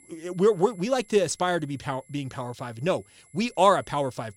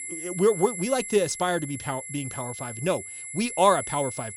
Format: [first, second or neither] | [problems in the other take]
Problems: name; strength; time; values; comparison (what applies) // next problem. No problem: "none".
first | high-pitched whine; loud; throughout; 11 kHz, 8 dB below the speech; faint in the first